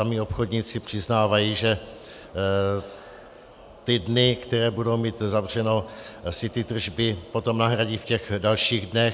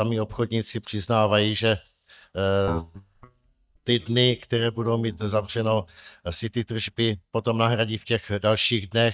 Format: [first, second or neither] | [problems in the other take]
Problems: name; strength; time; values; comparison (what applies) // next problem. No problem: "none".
first | noise reduction (neural mask model DeepFilterNet 3)